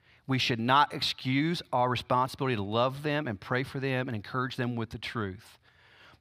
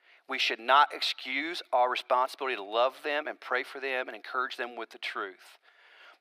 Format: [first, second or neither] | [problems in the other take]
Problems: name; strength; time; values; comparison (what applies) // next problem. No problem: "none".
first | thin; very; fading below 350 Hz